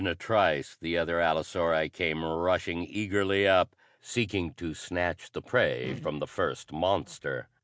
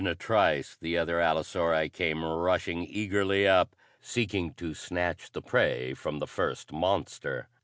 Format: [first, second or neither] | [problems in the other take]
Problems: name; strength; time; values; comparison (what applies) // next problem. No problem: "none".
second | noise reduction (neural mask model DeepFilterNet 3)